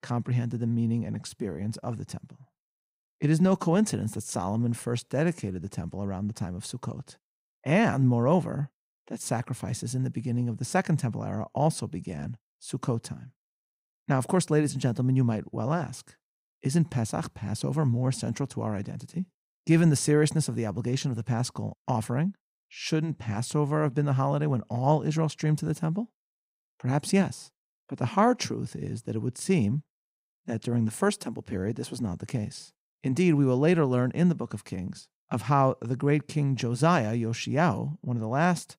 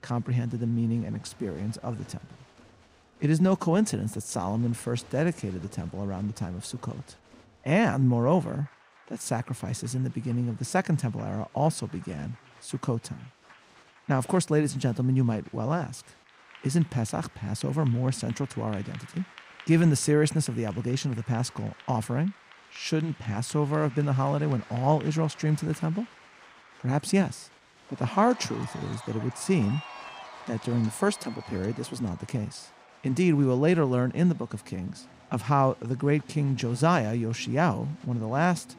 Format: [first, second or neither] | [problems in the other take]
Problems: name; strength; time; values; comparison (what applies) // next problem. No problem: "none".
first | crowd noise; faint; throughout; 20 dB below the speech